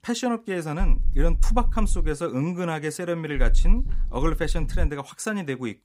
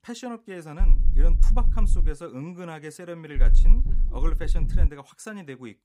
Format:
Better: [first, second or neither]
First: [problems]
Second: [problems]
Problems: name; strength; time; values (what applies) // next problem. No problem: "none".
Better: first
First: low rumble; faint; from 1 to 2 s and from 3.5 to 5 s; 20 dB below the speech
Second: low rumble; loud; from 1 to 2 s and from 3.5 to 5 s; 9 dB below the speech